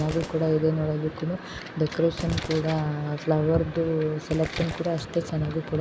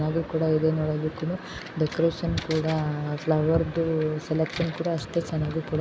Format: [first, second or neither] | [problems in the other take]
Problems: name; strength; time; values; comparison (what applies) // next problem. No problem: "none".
second | background sound (Gunshot, gunfire); 17 dB below the speech